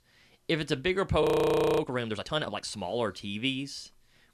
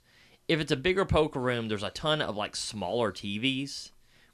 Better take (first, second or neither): second